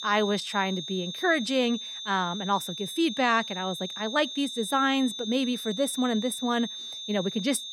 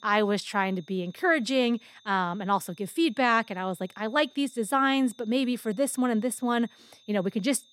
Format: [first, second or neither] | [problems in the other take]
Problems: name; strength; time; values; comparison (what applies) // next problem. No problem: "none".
second | high-pitched whine; loud; throughout; 3.5 kHz, 7 dB below the speech; faint in the second